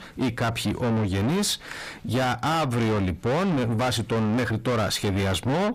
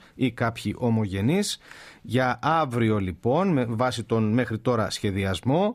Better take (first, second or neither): second